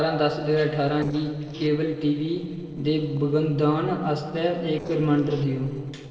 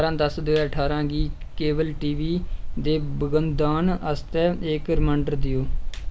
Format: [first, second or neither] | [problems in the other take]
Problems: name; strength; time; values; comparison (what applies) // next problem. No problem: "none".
second | noise reduction (neural separator model SepFormer DNS4)